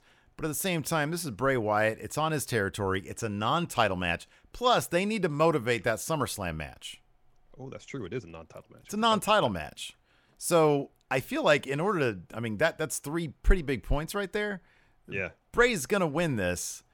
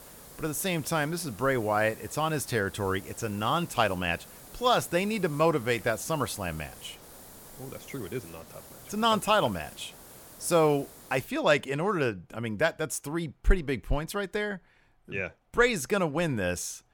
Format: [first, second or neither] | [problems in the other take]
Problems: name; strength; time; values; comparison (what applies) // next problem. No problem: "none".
first | hiss; noticeable; until 11 s; 20 dB below the speech